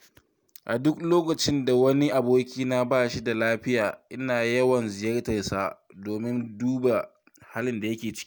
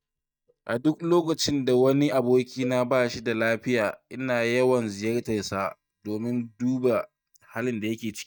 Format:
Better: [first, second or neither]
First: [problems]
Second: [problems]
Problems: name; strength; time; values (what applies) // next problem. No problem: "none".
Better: first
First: none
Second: noise reduction (neural mask model DeepFilterNet 3)